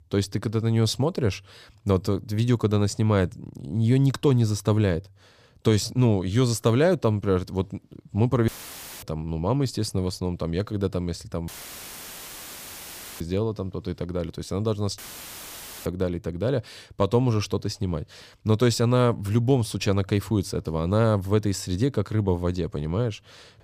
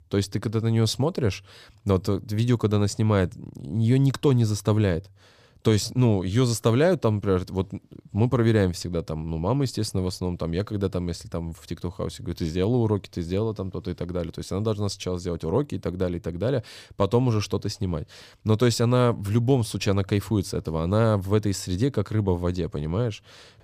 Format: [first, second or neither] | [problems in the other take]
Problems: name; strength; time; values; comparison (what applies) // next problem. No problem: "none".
second | audio cutting out; filled with static; at 8.5 s for 0.5 s, at 11 s for 1.5 s and at 15 s for 1 s